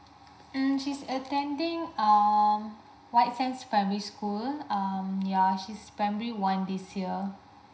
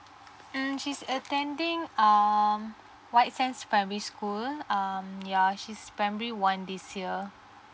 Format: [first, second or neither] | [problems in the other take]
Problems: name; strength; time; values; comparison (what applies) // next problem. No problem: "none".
second | room echo; dies away in 0.5 s